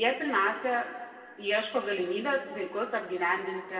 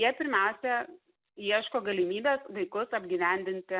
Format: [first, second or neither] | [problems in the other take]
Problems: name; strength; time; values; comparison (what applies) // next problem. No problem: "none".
second | room echo; dies away in 1.9 s